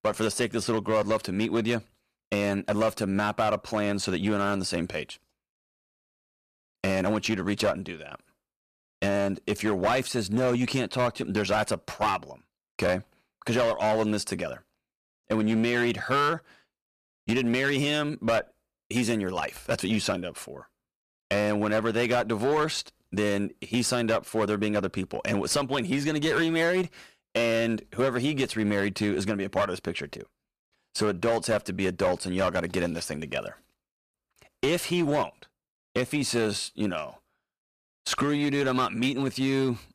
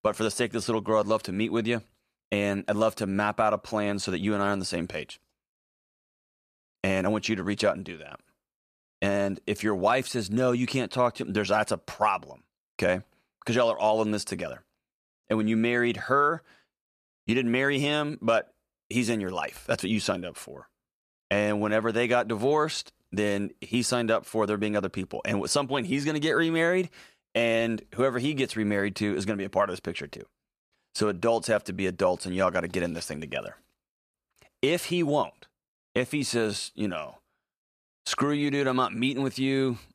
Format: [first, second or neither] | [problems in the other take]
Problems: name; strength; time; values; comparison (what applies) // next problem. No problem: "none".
second | distortion; slight; 9% of the sound clipped